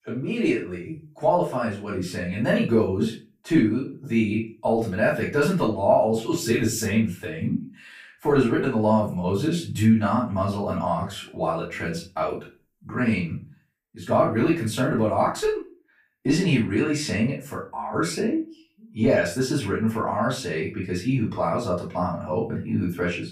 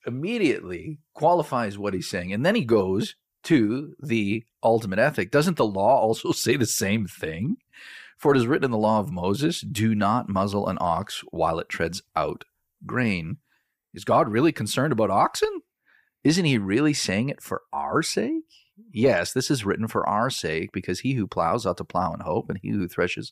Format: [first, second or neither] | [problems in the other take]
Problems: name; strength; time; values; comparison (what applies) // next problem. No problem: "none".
second | off-mic speech; far // room echo; slight; dies away in 0.3 s